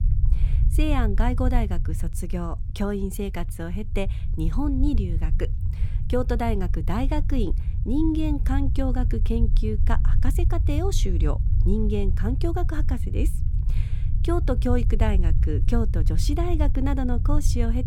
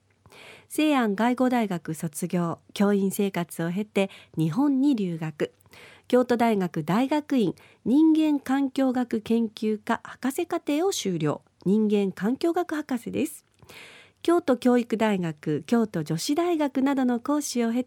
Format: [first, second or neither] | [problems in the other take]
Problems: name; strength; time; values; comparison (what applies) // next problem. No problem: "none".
second | low rumble; noticeable; throughout; 10 dB below the speech